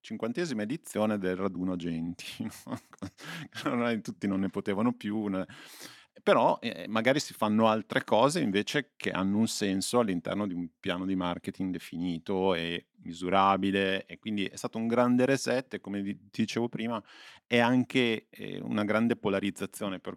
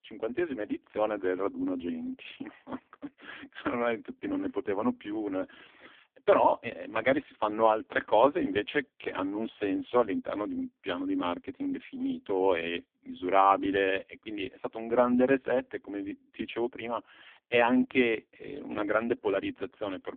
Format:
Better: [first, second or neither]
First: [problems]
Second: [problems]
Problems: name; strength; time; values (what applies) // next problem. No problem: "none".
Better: first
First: none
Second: phone-call audio; poor line; nothing above 3.5 kHz